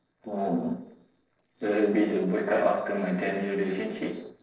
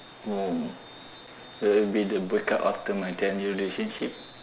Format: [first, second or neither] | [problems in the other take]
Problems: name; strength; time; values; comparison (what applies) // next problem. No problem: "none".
second | noise reduction (neural separator model SepFormer DNS4)